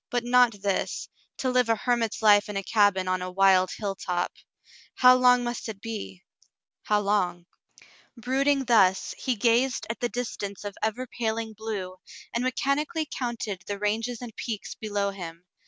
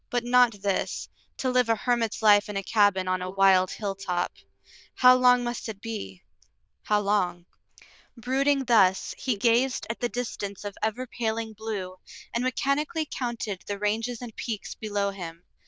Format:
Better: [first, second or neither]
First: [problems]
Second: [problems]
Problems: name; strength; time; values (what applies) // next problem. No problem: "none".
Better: first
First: none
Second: noise reduction (neural diffusion model UNIVERSE++)